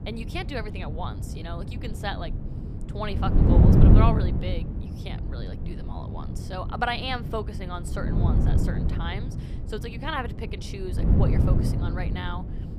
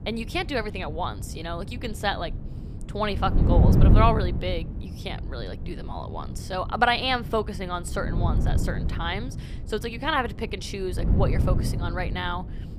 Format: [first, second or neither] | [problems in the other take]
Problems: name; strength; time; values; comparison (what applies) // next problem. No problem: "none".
second | wind noise on the microphone; heavy; 3 dB below the speech; occasional gusts in the second